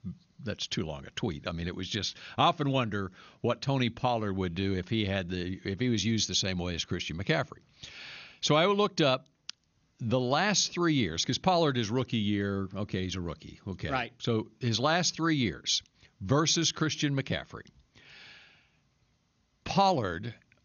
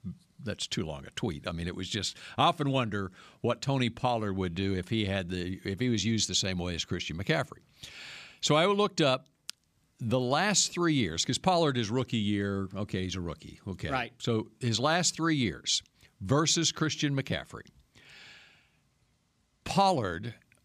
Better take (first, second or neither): second